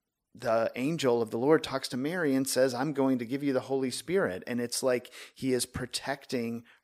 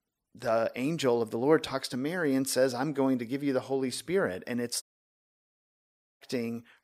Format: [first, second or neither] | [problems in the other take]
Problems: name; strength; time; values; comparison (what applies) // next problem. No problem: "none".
first | audio cutting out; at 5 s for 1.5 s